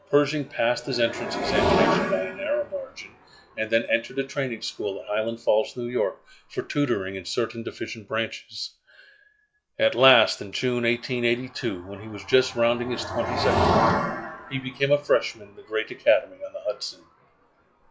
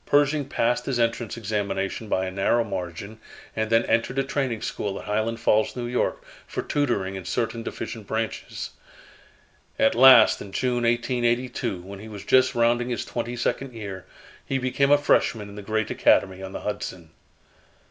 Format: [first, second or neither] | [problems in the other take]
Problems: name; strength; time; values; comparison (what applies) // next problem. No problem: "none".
second | noise reduction (classical method log-MMSE)